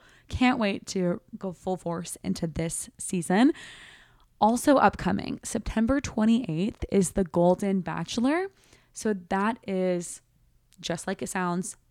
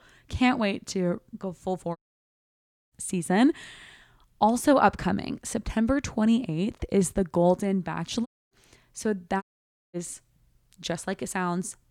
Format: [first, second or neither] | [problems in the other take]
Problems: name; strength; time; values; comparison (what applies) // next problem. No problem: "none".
first | audio cutting out; at 2 s for 1 s, at 8.5 s and at 9.5 s for 0.5 s